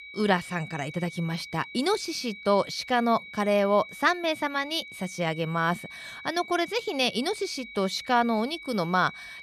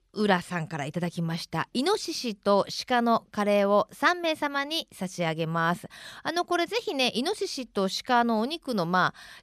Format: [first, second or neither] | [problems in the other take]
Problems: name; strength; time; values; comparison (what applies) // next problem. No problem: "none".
second | high-pitched whine; noticeable; throughout; 2.5 kHz, 15 dB below the speech